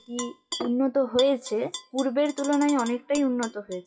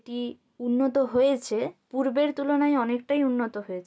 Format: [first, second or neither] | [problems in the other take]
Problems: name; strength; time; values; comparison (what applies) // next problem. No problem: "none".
second | noise reduction (classical method WPE with log-MMSE)